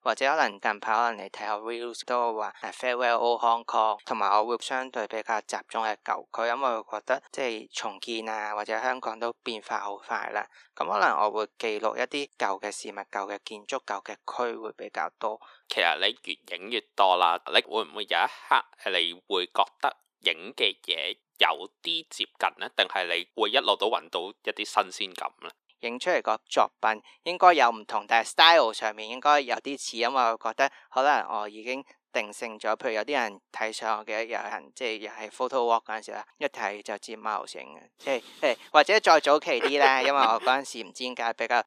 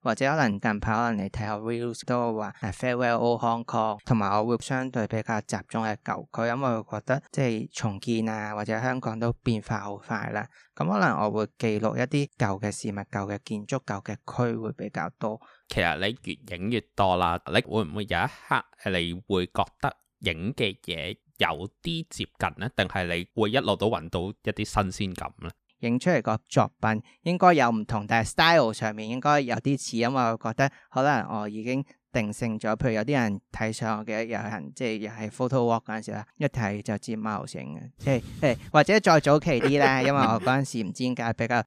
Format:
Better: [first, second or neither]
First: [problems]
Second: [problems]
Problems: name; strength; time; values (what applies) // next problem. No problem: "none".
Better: second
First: thin; very; fading below 350 Hz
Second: none